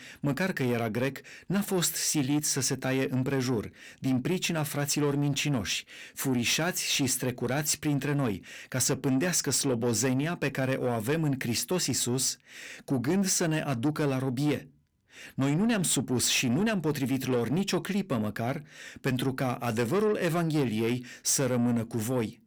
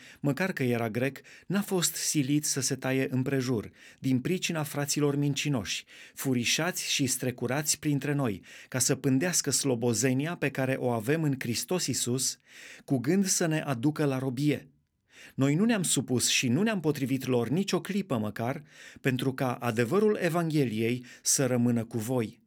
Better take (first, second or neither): second